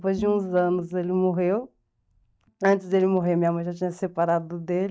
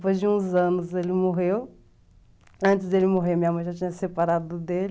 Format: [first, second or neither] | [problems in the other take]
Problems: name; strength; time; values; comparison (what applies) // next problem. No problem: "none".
second | noise reduction (neural mask model DeepFilterNet 3)